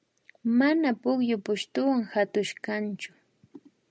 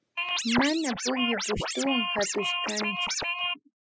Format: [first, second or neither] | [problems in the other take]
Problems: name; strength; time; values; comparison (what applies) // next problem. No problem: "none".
first | noise reduction (classical method Wiener filter)